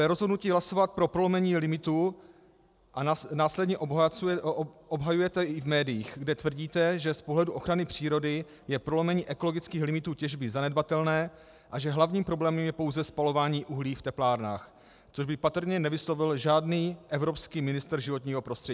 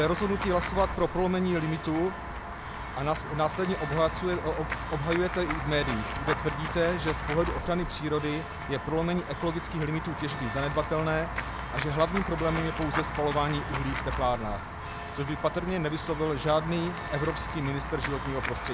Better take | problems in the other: first | background sound (Walk, footsteps / Run / Bell); 5 dB below the speech

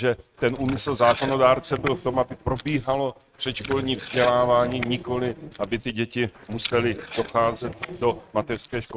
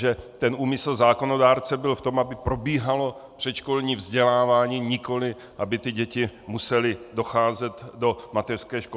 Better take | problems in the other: second | noise reduction (neural mask model RNNoise)

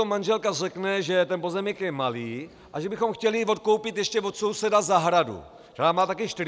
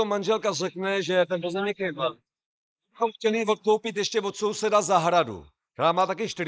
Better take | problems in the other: first | noise reduction (neural mask model Resemble Enhance denoiser)

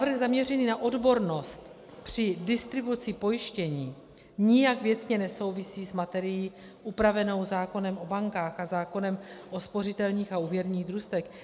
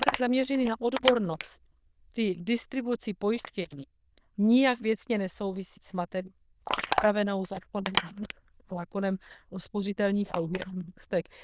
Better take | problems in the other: first | noise reduction (neural diffusion model UNIVERSE++)

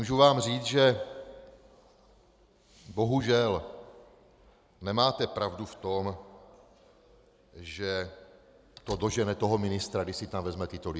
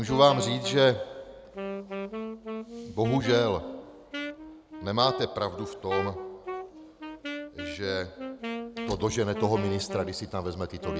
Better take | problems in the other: first | background sound (Wind instrument, woodwind instrument); 8 dB below the speech

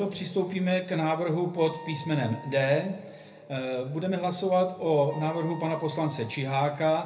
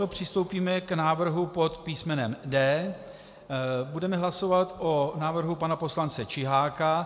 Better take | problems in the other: second | background sound (Wind instrument, woodwind instrument); 20 dB below the speech // room echo; dies away in 0.3 s

